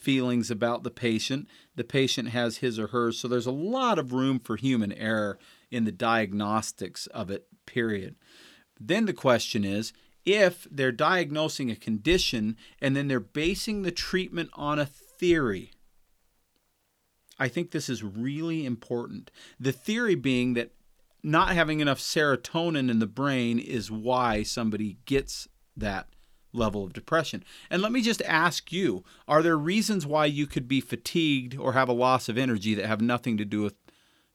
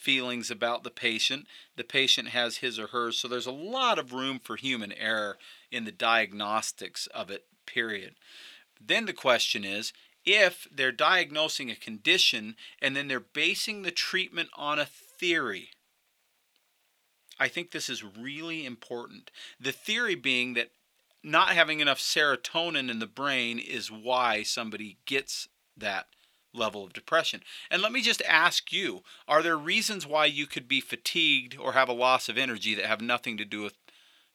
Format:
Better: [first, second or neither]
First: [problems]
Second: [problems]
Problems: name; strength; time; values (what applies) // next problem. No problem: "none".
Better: first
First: none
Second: thin; somewhat; fading below 850 Hz